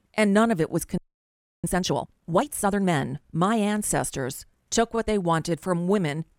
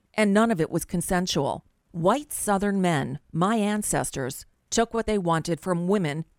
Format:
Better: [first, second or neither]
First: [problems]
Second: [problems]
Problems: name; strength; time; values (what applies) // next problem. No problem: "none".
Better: second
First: audio freezing; at 1 s for 0.5 s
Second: none